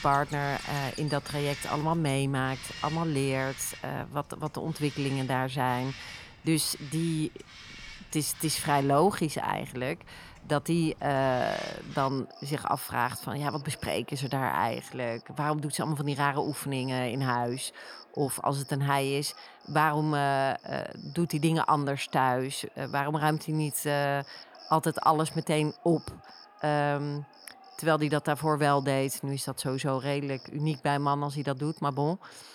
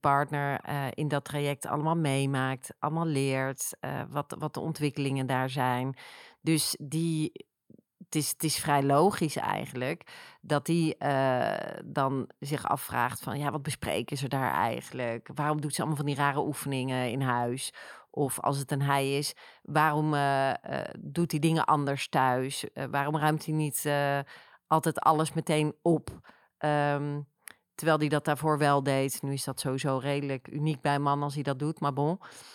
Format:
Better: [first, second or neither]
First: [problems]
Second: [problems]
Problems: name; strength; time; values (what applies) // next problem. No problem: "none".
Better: second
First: animal sounds; noticeable; throughout; 15 dB below the speech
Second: none